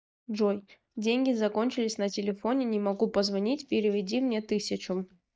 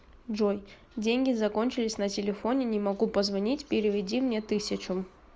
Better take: second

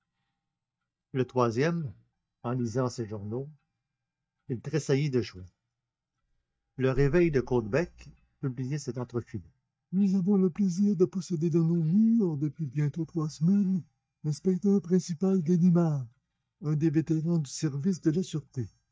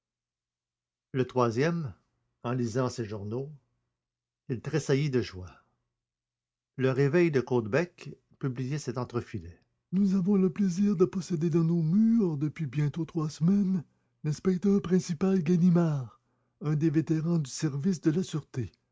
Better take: second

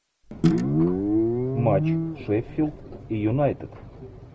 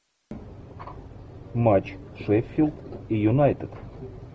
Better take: second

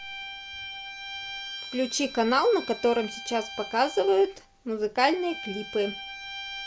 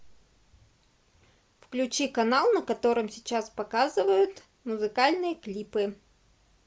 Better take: second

